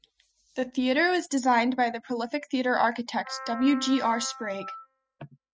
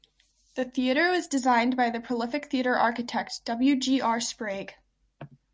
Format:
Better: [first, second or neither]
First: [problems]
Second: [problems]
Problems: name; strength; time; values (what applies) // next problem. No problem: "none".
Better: second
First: noise reduction (classical method spectral subtraction)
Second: none